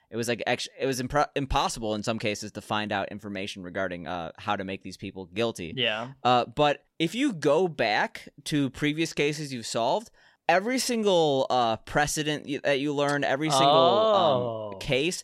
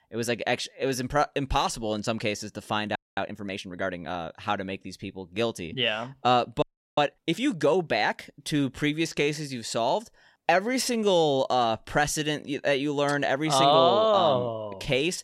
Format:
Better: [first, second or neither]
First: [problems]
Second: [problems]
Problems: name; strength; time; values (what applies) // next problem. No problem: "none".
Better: first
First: none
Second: audio freezing; at 3 s and at 6.5 s